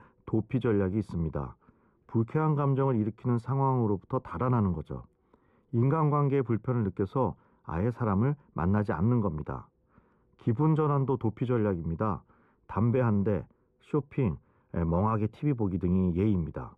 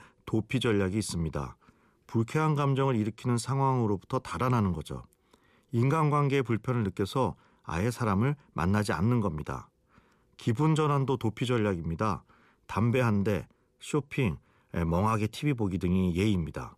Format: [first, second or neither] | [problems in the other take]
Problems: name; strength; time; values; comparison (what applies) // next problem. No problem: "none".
second | muffled; very; fading above 2.5 kHz